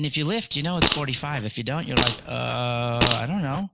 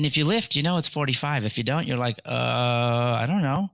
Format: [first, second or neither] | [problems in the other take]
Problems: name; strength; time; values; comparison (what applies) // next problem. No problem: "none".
second | background sound (Fart); 1 dB below the speech